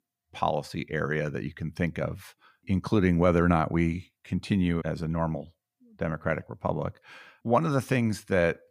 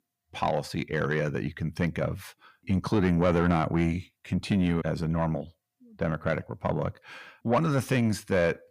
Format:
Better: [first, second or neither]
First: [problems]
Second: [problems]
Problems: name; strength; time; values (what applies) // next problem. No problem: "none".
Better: first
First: none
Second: distortion; slight; 10 dB below the speech